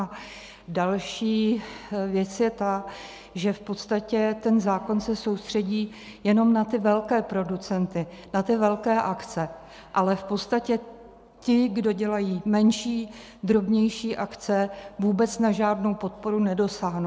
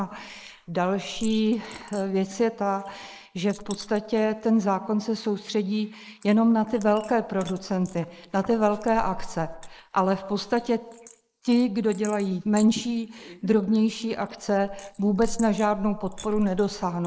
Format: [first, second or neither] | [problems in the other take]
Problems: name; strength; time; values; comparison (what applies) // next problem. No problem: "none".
first | noise reduction (neural mask model Resemble Enhance denoiser)